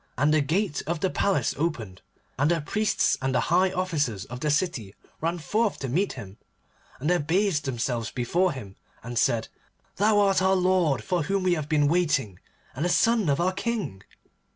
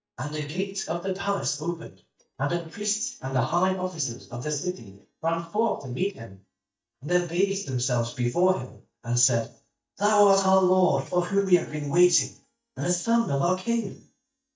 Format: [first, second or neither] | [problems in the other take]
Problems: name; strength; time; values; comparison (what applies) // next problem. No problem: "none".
first | noise reduction (neural mask model DeepFilterNet 3)